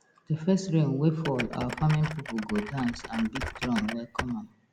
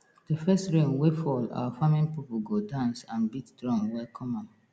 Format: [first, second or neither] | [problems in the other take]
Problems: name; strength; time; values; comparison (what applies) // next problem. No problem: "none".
second | background sound (Typing); 9 dB below the speech